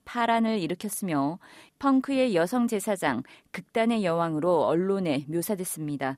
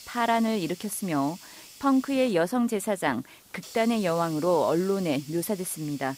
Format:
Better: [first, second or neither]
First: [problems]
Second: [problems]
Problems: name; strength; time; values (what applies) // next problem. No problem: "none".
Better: first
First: none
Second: hiss; noticeable; throughout; 20 dB below the speech